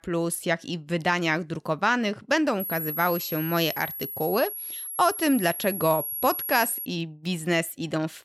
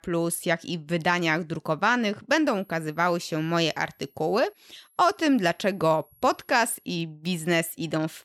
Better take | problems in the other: second | high-pitched whine; loud; from 2.5 to 7 s; 11.5 kHz, 5 dB below the speech; faint in the second

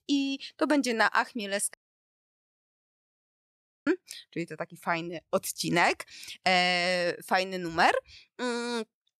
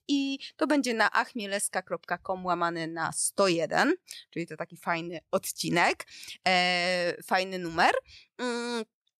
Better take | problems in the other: second | audio cutting out; at 1.5 s for 2 s

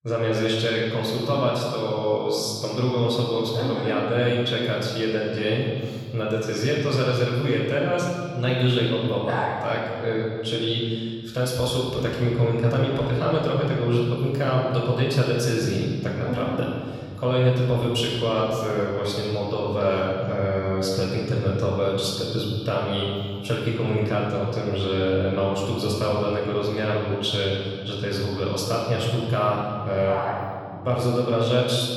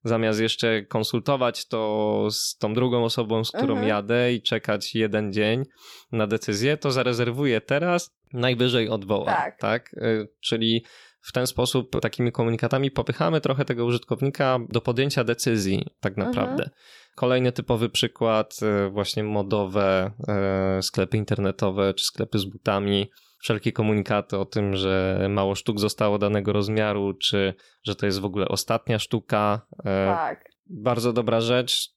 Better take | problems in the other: second | off-mic speech; far // room echo; noticeable; dies away in 2.2 s

